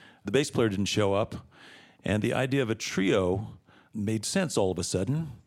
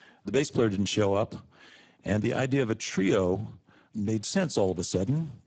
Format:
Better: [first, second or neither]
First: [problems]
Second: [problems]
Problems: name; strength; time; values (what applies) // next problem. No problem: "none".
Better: first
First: none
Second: garbled, watery; badly; nothing above 8 kHz